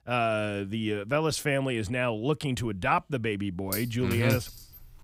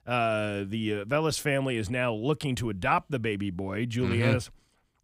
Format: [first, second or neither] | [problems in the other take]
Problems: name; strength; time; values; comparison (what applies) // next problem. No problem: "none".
second | clattering dishes; noticeable; from 3.5 s on; peak 7 dB below the speech